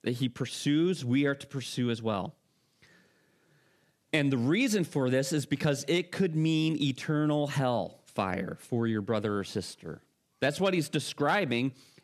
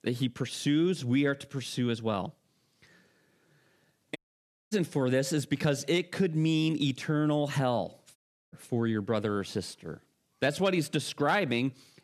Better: first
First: none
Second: audio cutting out; at 4 s for 0.5 s and at 8 s

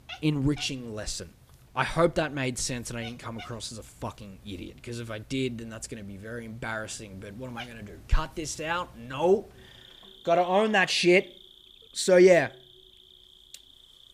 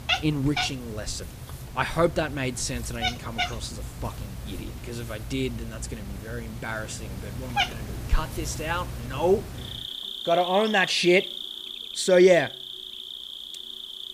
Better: first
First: animal sounds; faint; throughout; 25 dB below the speech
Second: animal sounds; loud; throughout; 8 dB below the speech

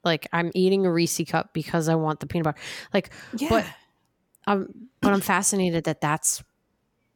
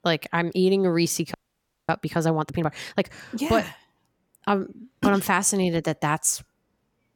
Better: first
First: none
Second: audio freezing; at 1.5 s for 0.5 s

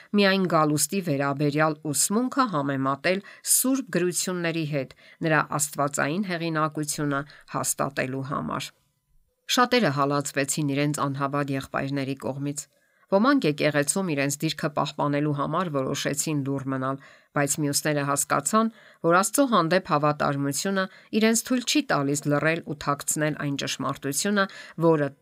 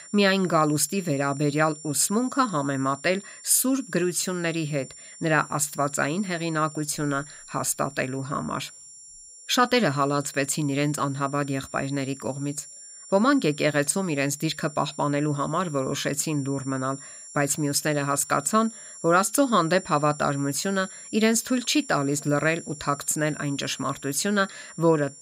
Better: first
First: none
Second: high-pitched whine; noticeable; throughout; 7.5 kHz, 15 dB below the speech

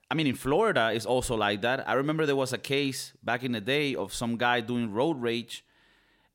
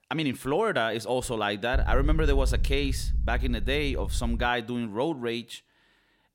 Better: first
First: none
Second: low rumble; faint; from 1.5 to 4.5 s; 20 dB below the speech

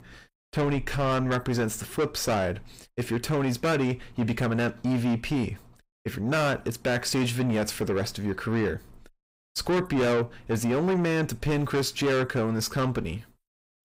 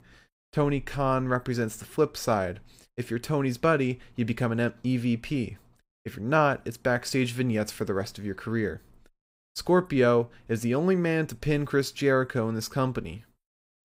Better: second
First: distortion; heavy; 6 dB below the speech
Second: none

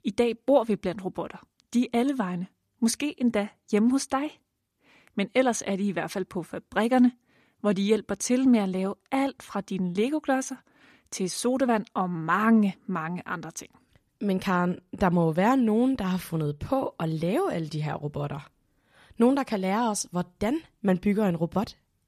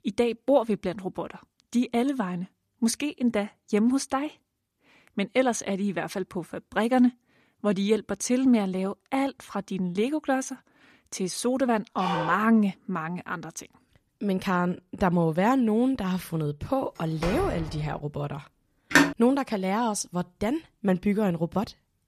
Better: first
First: none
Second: dog barking; noticeable; at 12 s; peak 3 dB below the speech // door banging; noticeable; at 17 s; peak 6 dB below the speech // phone ringing; loud; at 19 s; peak 6 dB above the speech

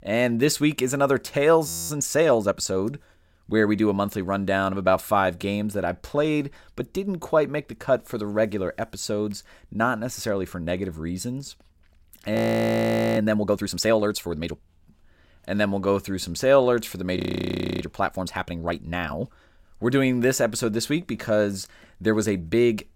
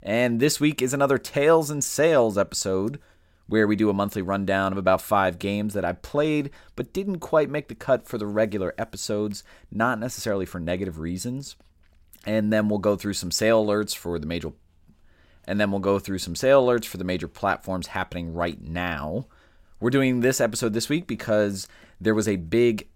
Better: second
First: audio freezing; at 1.5 s, at 12 s for 1 s and at 17 s for 0.5 s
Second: none

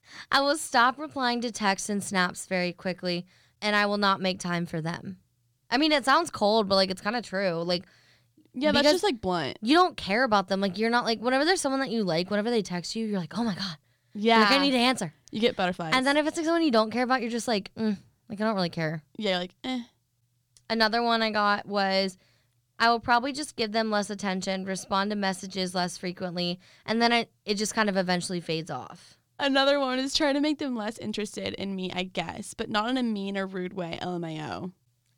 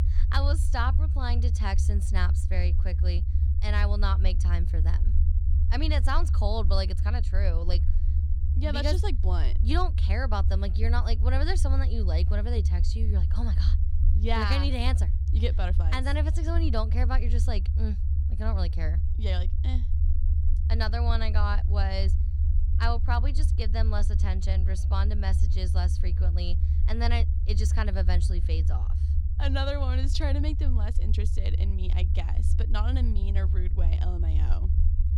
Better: first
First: none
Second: low rumble; loud; throughout; 9 dB below the speech

